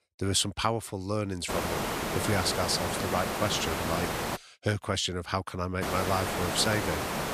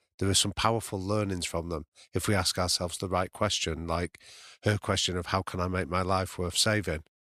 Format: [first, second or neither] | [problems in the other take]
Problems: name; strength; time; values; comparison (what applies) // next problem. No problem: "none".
second | hiss; loud; from 1.5 to 4.5 s and from 6 s on; 1 dB below the speech